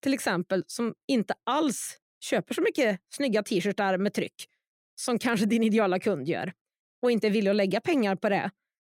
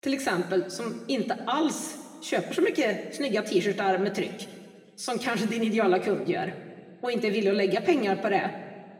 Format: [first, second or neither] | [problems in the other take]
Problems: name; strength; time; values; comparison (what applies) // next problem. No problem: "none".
first | room echo; slight; dies away in 1.2 s // off-mic speech; somewhat distant